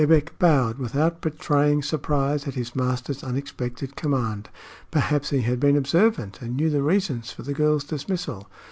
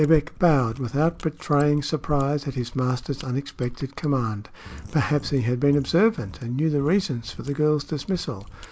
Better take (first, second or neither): first